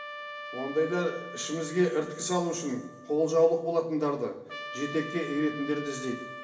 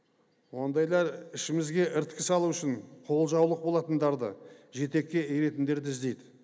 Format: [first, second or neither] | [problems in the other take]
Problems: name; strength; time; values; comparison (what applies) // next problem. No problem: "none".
second | background sound (Trumpet); 13 dB below the speech // room echo; dies away in 0.9 s